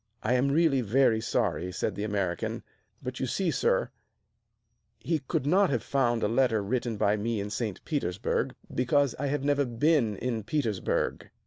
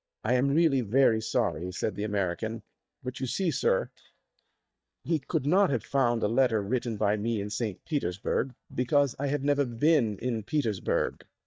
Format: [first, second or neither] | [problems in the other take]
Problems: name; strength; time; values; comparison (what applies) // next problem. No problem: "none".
first | noise reduction (neural mask model DeepFilterNet 3)